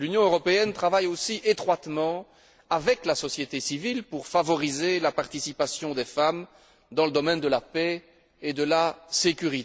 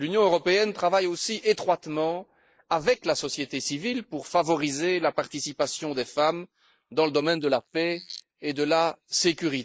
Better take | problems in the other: first | noise reduction (neural mask model Resemble Enhance denoiser)

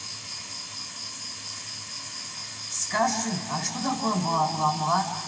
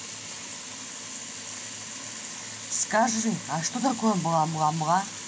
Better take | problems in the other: second | background sound (Cricket); 10 dB below the speech // room echo; dies away in 2.3 s

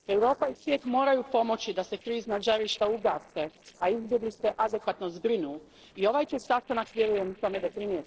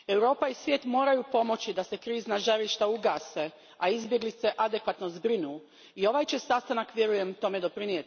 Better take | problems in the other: second | noise reduction (neural separator model SepFormer DNS4)

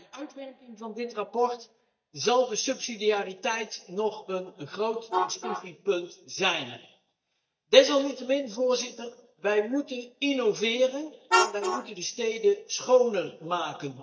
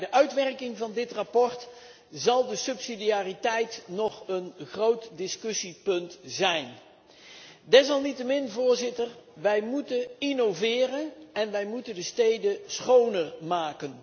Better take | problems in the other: second | noise reduction (neural mask model DeepFilterNet 3)

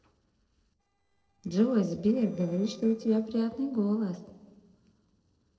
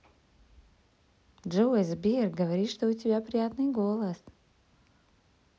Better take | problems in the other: second | noise reduction (neural separator model SepFormer DNS4)

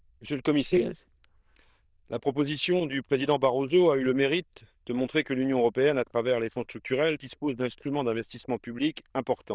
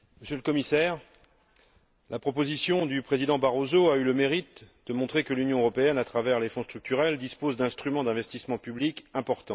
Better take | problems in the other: second | noise reduction (neural diffusion model UNIVERSE++)

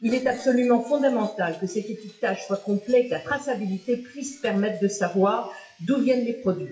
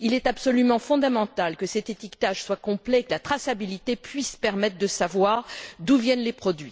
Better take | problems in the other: second | noise reduction (classical method WPE with log-MMSE)

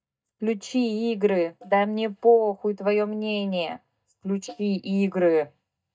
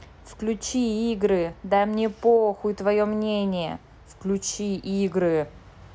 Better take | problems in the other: second | noise reduction (neural mask model DeepFilterNet 3)

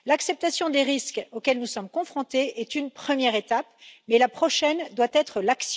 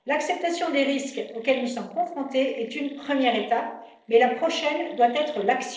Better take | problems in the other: first | noise reduction (neural separator model SepFormer DNS4)

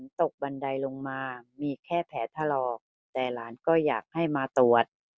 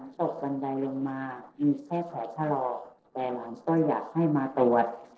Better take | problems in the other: first | noise reduction (neural separator model SepFormer DNS4)

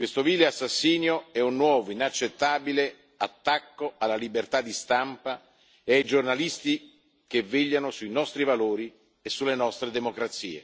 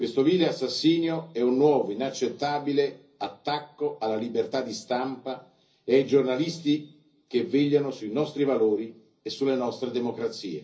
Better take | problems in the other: first | room echo; dies away in 0.5 s

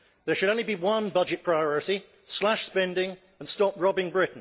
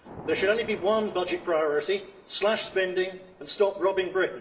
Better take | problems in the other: first | background sound (Thunder / Rain); 19 dB below the speech // room echo; dies away in 0.6 s

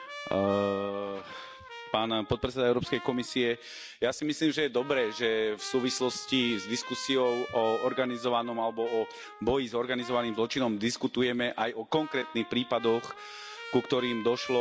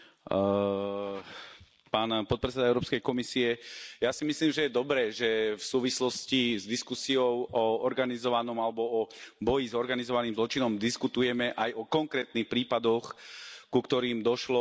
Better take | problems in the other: second | background sound (Trumpet); 15 dB below the speech

